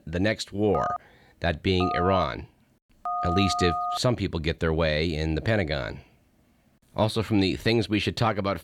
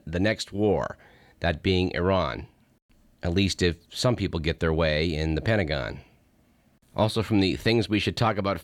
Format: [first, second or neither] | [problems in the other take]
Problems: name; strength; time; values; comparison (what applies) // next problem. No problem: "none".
second | phone ringing; noticeable; from 0.5 to 4 s; peak 2 dB below the speech